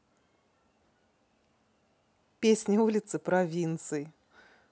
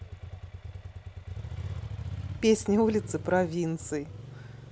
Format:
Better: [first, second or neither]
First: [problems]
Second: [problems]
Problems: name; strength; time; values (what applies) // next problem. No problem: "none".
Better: first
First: none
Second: background sound (Motorcycle); 9 dB below the speech